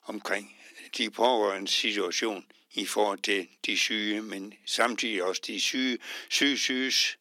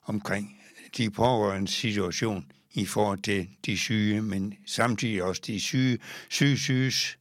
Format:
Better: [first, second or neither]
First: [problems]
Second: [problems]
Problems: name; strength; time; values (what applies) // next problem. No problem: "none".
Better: second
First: thin; somewhat; fading below 250 Hz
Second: none